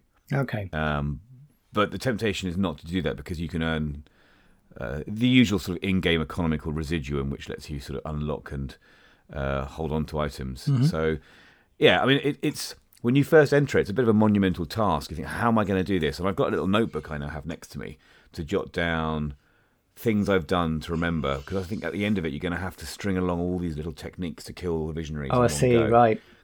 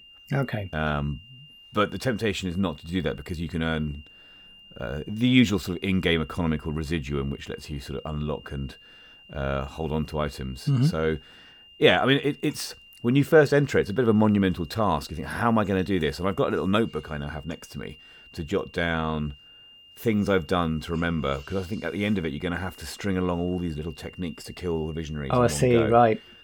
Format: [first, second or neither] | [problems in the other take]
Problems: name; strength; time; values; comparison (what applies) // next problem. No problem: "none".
first | high-pitched whine; faint; throughout; 3 kHz, 25 dB below the speech